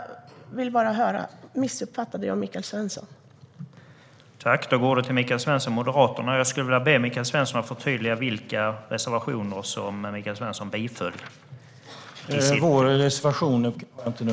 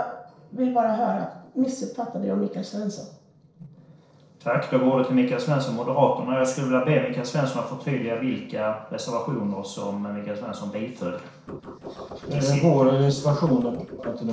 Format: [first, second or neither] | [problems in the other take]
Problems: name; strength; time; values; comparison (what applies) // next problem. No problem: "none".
first | noise reduction (neural separator model SepFormer DNS4)